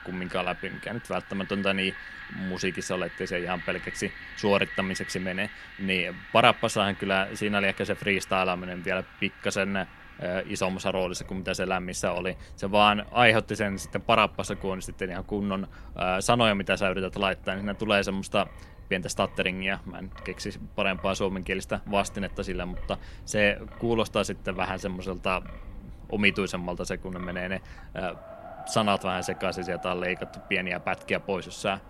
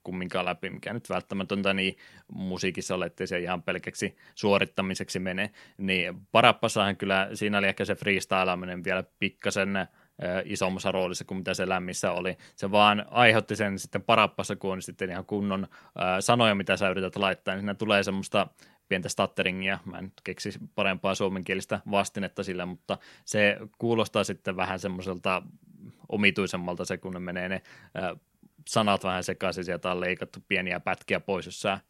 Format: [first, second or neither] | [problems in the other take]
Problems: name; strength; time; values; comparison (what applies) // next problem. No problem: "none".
second | wind in the background; noticeable; throughout; 15 dB below the speech